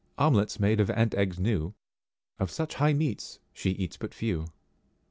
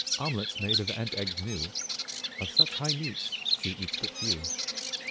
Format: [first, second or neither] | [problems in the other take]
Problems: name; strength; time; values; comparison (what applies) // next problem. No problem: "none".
first | background sound (Bird vocalization, bird call, bird song); 5 dB above the speech